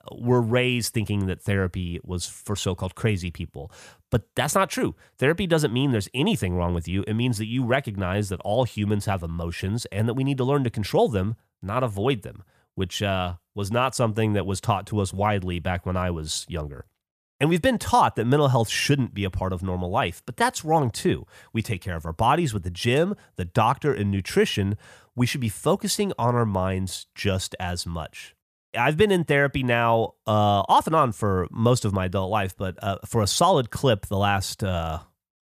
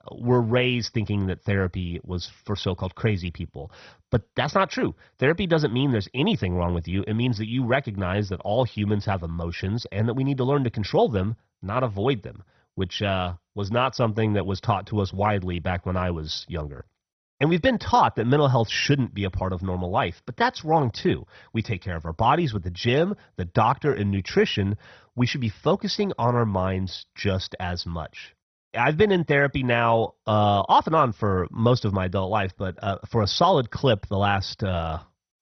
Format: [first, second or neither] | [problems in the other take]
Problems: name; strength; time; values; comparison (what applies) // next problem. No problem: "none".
first | garbled, watery; badly; nothing above 6 kHz